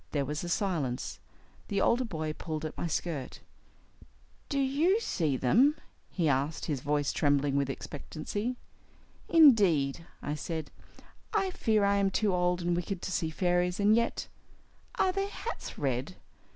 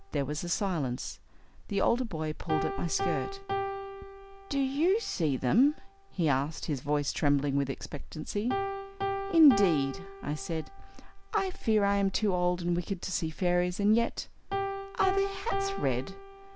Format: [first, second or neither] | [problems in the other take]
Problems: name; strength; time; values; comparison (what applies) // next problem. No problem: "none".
first | background sound (Piano); 9 dB below the speech